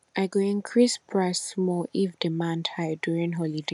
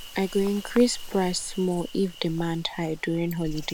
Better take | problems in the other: first | background sound (Insect); 13 dB below the speech

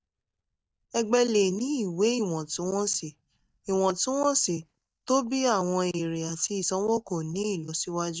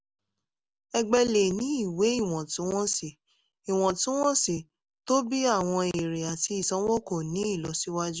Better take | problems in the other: second | noise reduction (neural mask model DeepFilterNet 3)

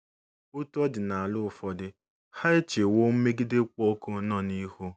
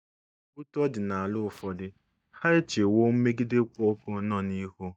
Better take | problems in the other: first | noise reduction (neural mask model DeepFilterNet 3)

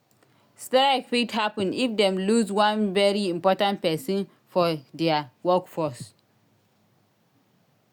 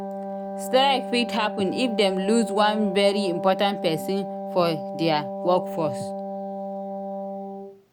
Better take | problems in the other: first | background sound (Wind instrument, woodwind instrument); 6 dB below the speech

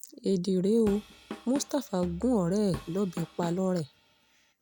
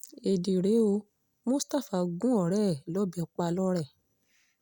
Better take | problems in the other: second | background sound (Drum kit); 15 dB below the speech

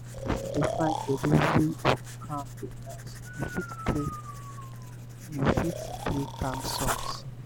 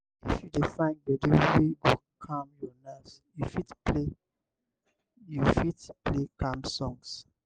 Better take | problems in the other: second | background sound (Breathing + Writing); 6 dB below the speech

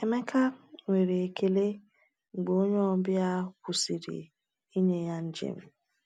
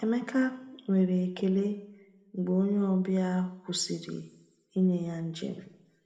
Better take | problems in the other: first | room echo; dies away in 0.7 s

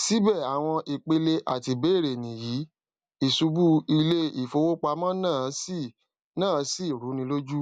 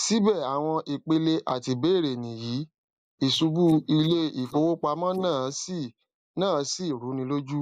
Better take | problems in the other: first | noise reduction (neural mask model Resemble Enhance denoiser)

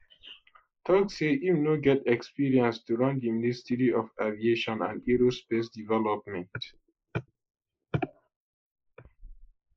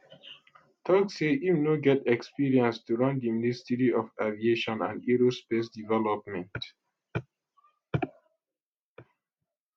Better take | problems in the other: second | noise reduction (neural mask model Resemble Enhance denoiser)

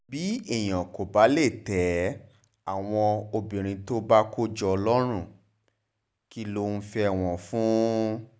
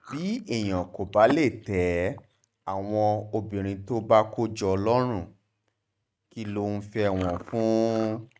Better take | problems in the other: first | noise reduction (neural mask model RNNoise)

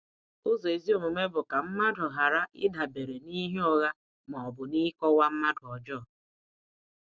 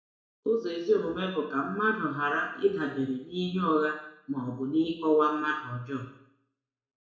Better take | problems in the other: first | room echo; dies away in 0.6 s

